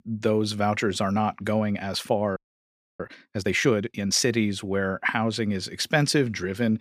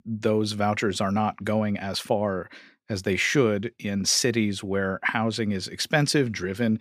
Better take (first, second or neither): second